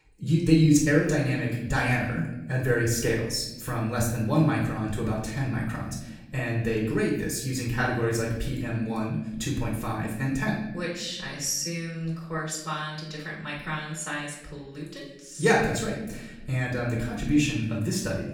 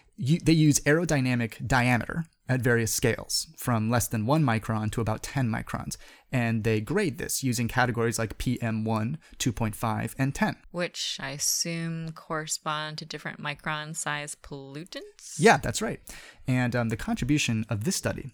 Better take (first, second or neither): second